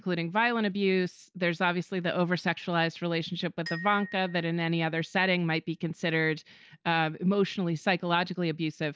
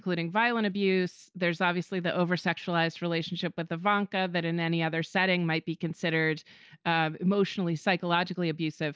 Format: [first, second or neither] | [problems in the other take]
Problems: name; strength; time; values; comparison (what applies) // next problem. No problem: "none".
second | background sound (Glockenspiel); 19 dB below the speech